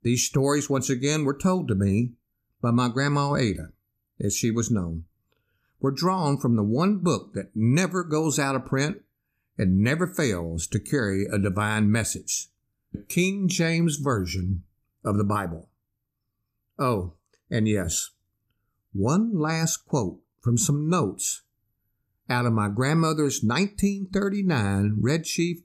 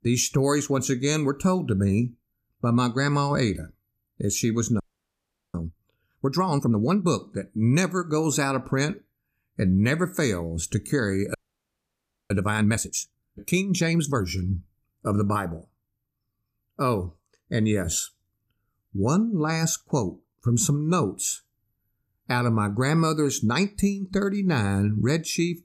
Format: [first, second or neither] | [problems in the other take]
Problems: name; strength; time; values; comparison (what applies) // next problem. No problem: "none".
first | audio freezing; at 5 s for 0.5 s and at 11 s for 1 s